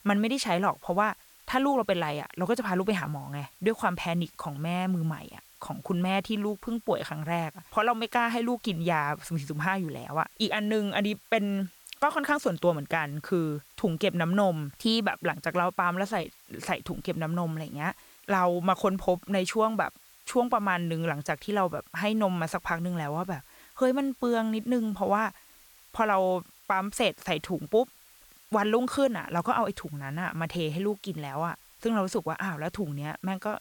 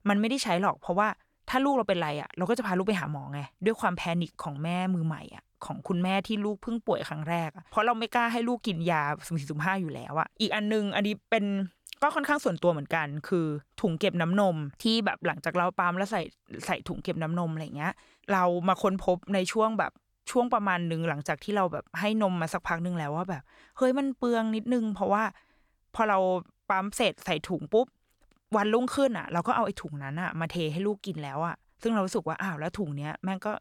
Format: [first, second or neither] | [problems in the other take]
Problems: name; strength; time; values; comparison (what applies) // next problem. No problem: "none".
second | hiss; faint; throughout; 25 dB below the speech